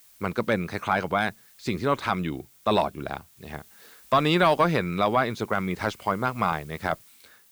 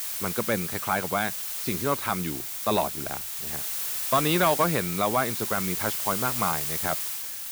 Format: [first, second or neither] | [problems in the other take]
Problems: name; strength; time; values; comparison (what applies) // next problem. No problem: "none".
first | hiss; loud; throughout; 1 dB below the speech; faint in the first